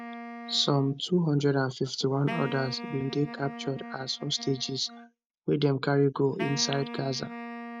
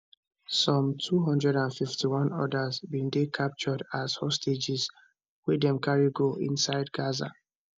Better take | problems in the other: second | noise reduction (neural mask model RNNoise)

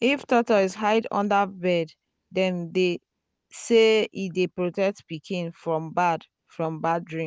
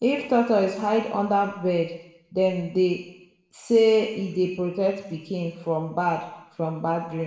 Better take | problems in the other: first | room echo; dies away in 0.9 s

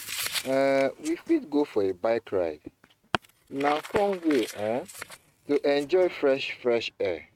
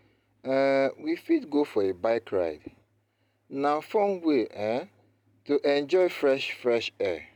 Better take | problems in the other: second | noise reduction (neural mask model RNNoise)

